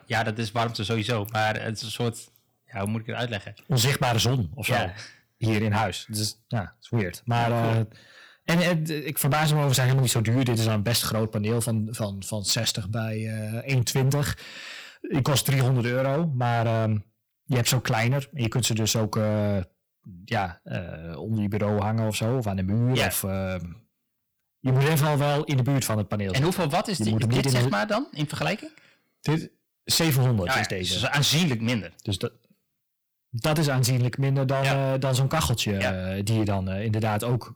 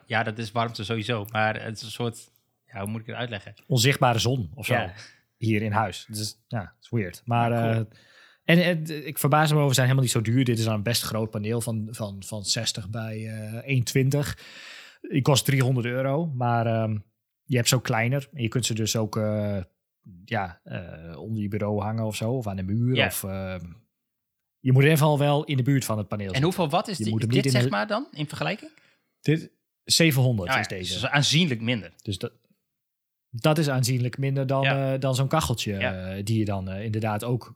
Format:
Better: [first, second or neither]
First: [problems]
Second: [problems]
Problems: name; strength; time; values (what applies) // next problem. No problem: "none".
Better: second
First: distortion; heavy; 12% of the sound clipped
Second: none